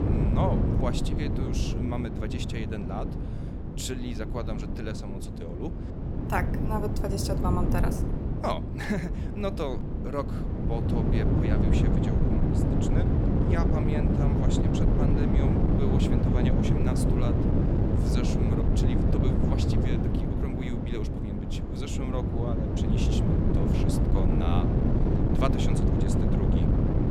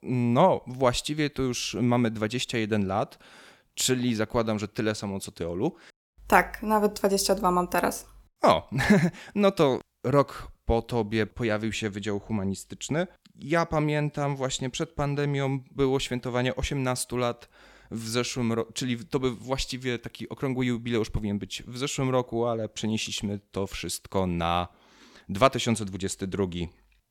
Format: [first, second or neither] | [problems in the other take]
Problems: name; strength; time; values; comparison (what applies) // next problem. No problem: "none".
second | wind noise on the microphone; heavy; 2 dB above the speech